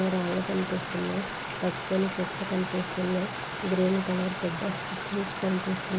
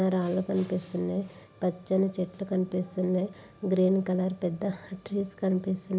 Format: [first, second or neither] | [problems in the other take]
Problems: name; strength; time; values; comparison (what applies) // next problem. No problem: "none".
second | background sound (Stream); 5 dB below the speech